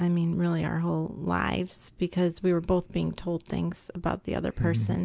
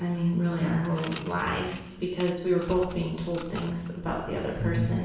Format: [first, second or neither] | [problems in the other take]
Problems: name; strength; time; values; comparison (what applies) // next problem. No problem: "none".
first | background sound (Coin (dropping) / Mechanisms); 18 dB below the speech // room echo; dies away in 0.9 s